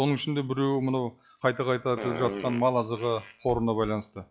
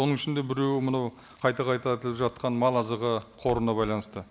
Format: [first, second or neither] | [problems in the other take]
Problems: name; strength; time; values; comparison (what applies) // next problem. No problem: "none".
second | noise reduction (classical method log-MMSE)